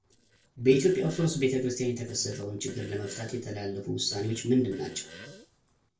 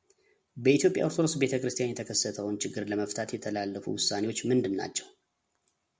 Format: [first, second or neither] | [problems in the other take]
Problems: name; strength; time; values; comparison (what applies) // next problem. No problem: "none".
second | noise reduction (neural separator model SepFormer DNS4)